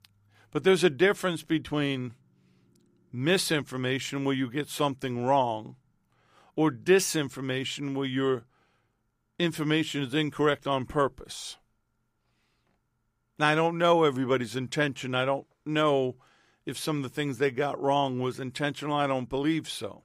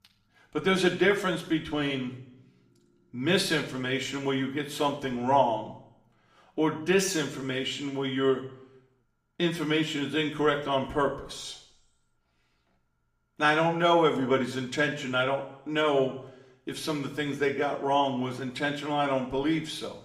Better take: first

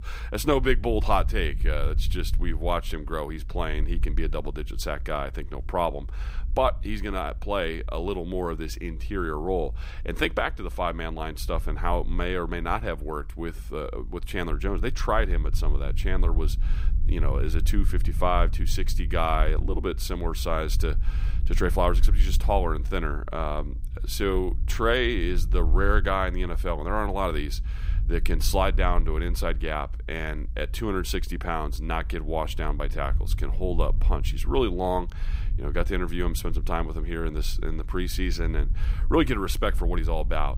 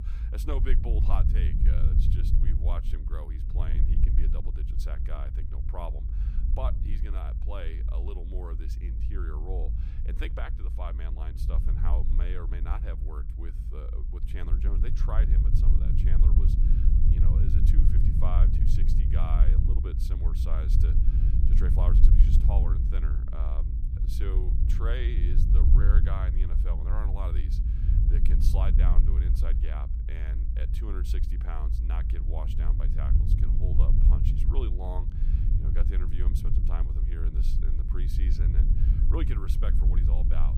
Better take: first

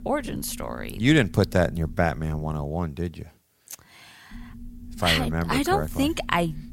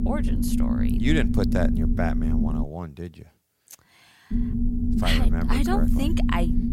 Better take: first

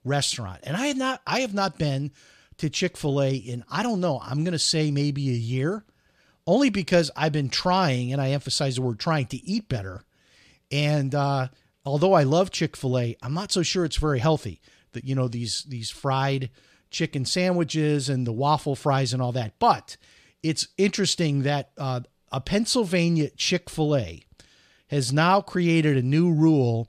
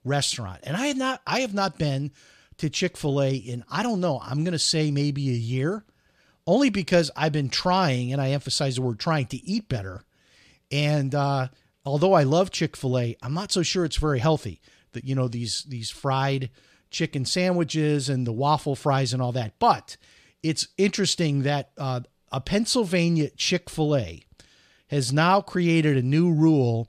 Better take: neither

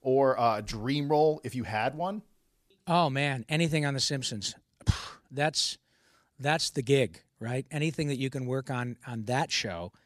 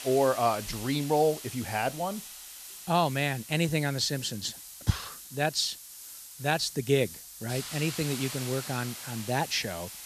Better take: first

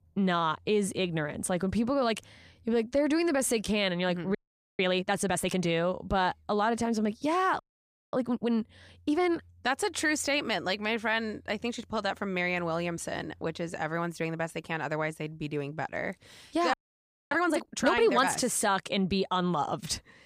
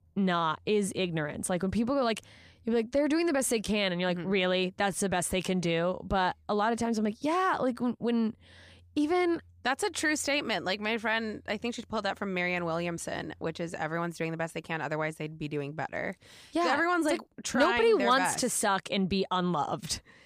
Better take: second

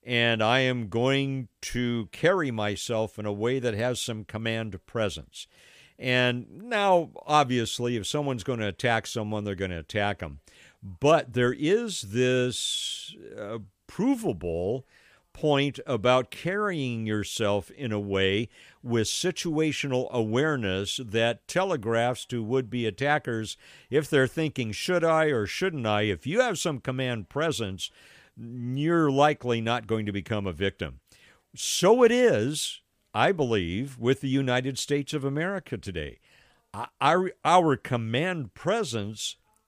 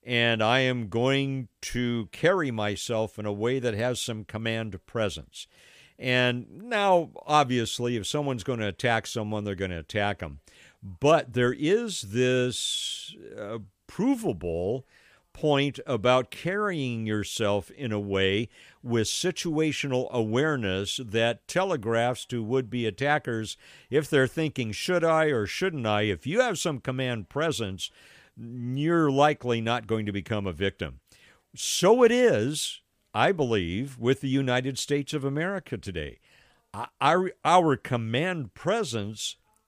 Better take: neither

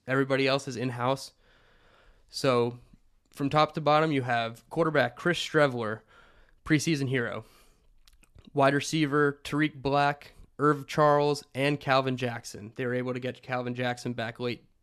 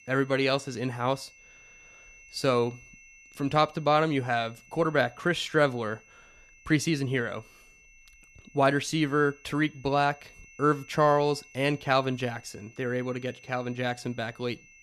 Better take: first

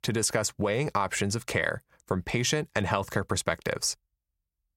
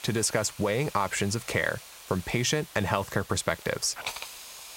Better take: first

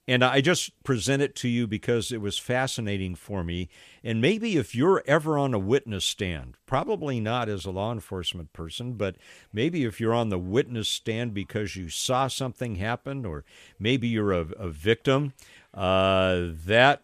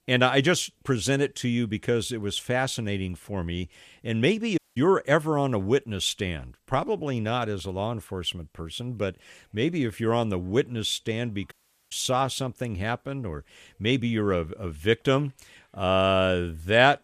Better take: first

